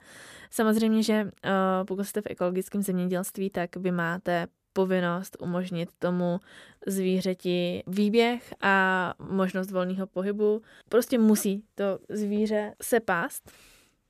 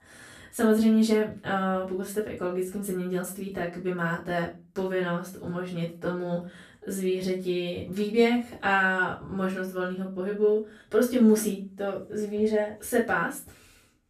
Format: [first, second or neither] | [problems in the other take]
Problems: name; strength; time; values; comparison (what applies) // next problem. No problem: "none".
first | off-mic speech; far // room echo; slight; dies away in 0.3 s